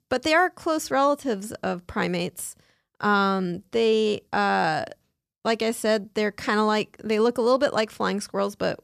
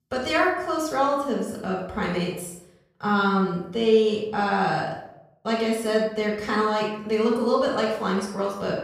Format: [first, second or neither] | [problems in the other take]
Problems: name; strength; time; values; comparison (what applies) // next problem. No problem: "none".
first | off-mic speech; far // room echo; noticeable; dies away in 0.7 s